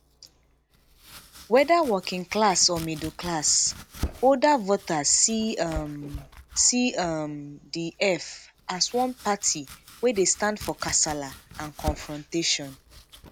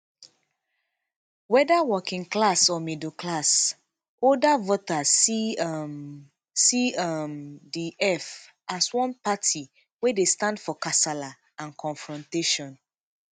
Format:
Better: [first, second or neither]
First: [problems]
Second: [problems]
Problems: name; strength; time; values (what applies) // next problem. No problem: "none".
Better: second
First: background sound (Domestic sounds, home sounds); 16 dB below the speech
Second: none